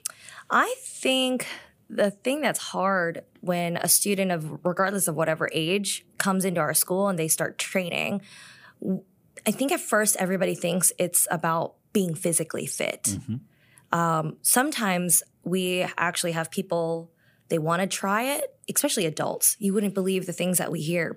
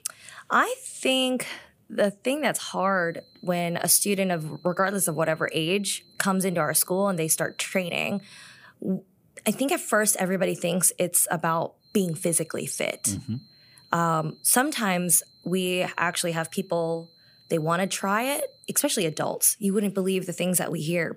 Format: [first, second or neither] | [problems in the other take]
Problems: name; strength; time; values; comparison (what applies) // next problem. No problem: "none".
first | high-pitched whine; faint; from 3 to 8.5 s and from 12 to 19 s; 4 kHz, 30 dB below the speech